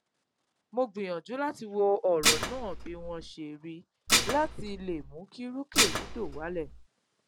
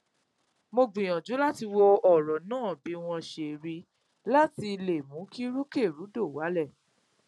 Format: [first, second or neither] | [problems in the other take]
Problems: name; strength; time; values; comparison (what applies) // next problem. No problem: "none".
second | background sound (Dishes, pots, and pans); 3 dB above the speech